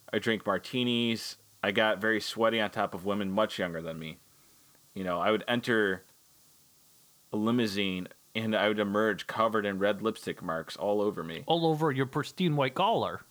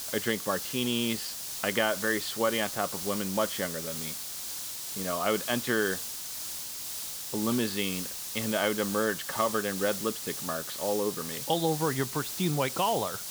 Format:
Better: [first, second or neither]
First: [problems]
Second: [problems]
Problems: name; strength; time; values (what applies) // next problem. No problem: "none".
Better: first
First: hiss; faint; throughout; 30 dB below the speech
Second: hiss; loud; throughout; 4 dB below the speech